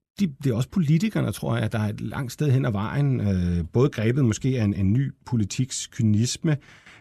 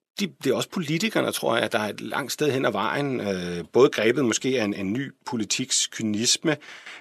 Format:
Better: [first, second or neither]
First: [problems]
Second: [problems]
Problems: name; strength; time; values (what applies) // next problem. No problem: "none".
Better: first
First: none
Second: thin; somewhat; fading below 450 Hz